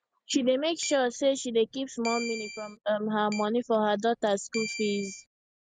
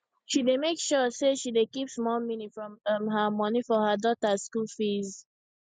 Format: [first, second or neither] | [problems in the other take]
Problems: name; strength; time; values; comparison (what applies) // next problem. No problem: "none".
second | background sound (Keyboard (musical)); 13 dB below the speech